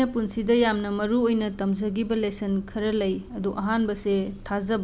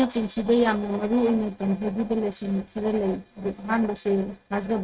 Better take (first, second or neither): first